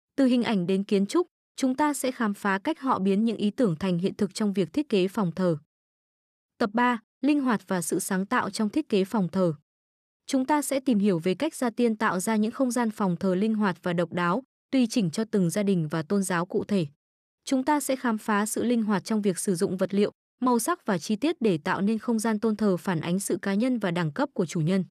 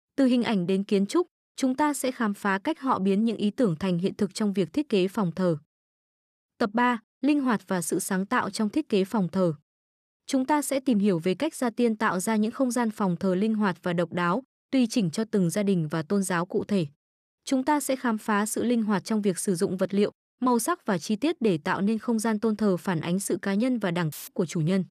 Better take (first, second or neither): first